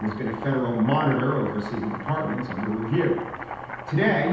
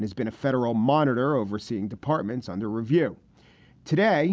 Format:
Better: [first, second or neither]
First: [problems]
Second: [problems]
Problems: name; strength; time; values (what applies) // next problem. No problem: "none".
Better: second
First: background sound (Domestic sounds, home sounds); 11 dB below the speech // room echo; dies away in 0.9 s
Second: none